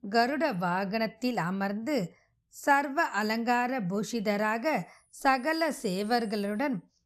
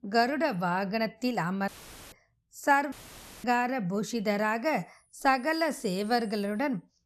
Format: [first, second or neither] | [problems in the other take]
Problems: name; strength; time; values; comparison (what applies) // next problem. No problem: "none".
first | audio cutting out; filled with static; at 1.5 s and at 3 s for 0.5 s